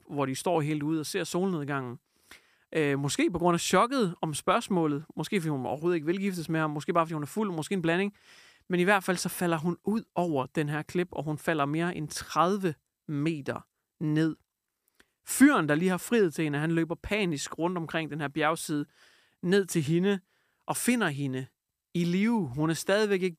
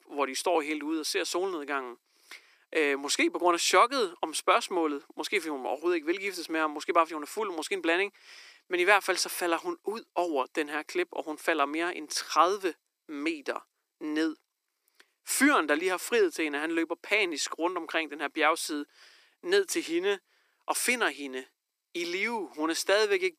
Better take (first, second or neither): first